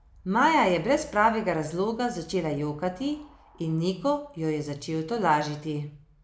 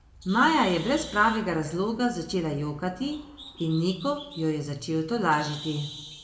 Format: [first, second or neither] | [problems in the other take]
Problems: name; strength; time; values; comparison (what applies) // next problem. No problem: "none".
first | background sound (Bird); 18 dB below the speech // room echo; dies away in 0.8 s